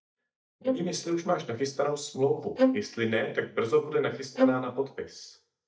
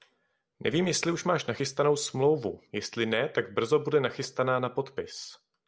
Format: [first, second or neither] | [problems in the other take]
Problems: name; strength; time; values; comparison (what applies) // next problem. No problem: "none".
second | noise reduction (neural mask model DeepFilterNet 3)